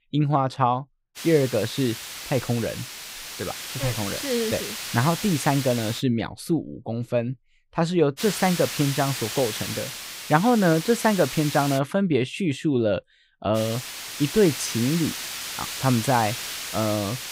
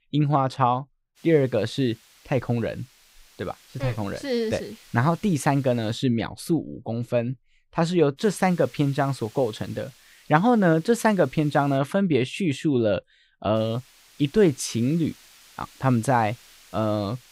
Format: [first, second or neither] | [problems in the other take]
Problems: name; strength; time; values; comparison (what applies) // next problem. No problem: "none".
second | hiss; loud; from 1 to 6 s, from 8 to 12 s and from 14 s on; 7 dB below the speech; faint in the second